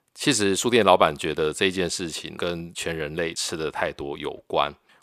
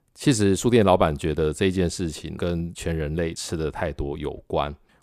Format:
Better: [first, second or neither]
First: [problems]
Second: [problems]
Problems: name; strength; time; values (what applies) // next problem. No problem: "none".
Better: second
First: thin; somewhat; fading below 1 kHz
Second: none